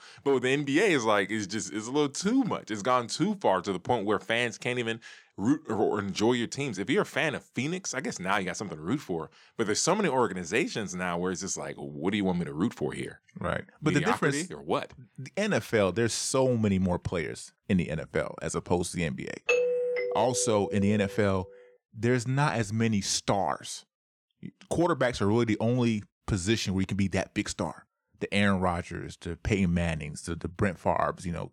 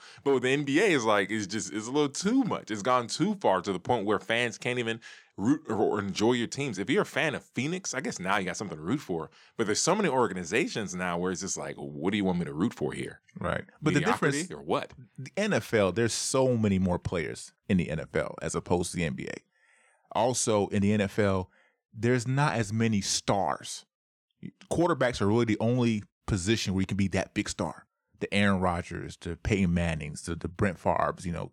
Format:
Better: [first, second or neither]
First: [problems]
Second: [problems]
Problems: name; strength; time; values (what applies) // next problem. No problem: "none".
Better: second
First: doorbell; loud; from 19 to 21 s; peak 3 dB above the speech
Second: none